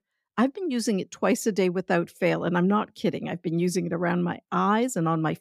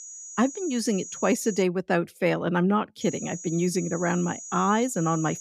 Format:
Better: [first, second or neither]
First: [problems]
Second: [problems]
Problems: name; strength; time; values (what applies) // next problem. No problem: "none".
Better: first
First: none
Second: high-pitched whine; noticeable; until 1.5 s and from 3 s on; 6.5 kHz, 10 dB below the speech